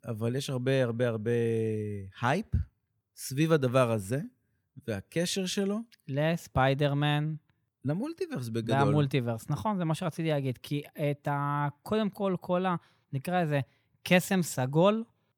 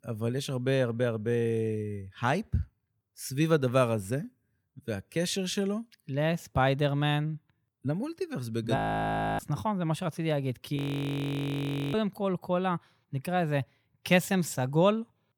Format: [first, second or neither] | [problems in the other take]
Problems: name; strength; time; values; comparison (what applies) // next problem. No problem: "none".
first | audio freezing; at 9 s for 0.5 s and at 11 s for 1 s